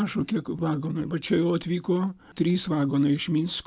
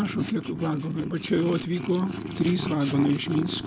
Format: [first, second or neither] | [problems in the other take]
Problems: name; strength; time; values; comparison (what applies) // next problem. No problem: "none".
first | background sound (Purr); 8 dB below the speech